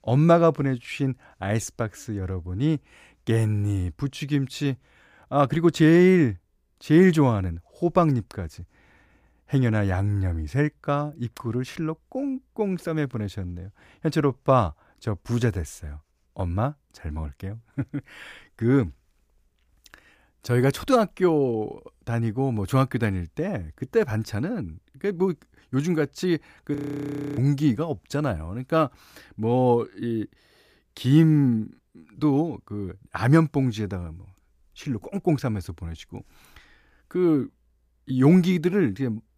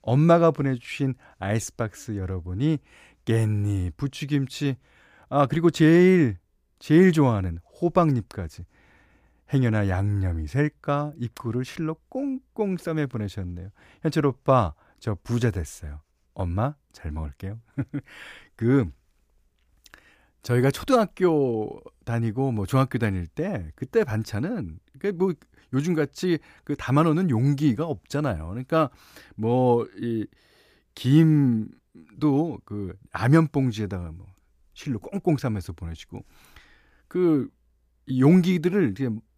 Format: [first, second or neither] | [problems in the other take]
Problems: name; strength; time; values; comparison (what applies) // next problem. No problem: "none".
second | audio freezing; at 27 s for 0.5 s